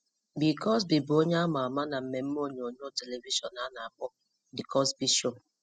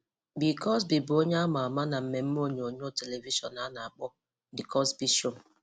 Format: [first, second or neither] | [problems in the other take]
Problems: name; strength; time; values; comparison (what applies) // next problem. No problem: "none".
second | noise reduction (classical method spectral subtraction)